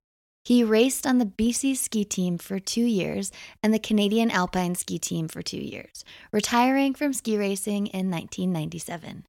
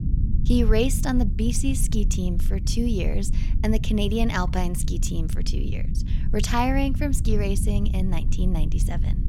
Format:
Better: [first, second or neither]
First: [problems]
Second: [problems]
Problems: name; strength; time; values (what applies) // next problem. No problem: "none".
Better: first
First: none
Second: low rumble; noticeable; throughout; 10 dB below the speech